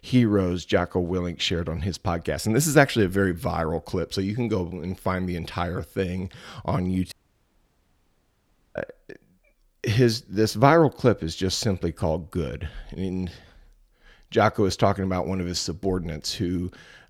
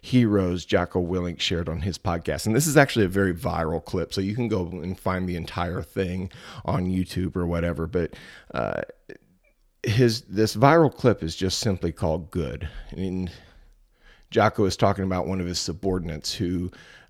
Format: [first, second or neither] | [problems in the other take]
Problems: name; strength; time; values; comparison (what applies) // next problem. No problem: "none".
second | audio cutting out; at 7 s for 1.5 s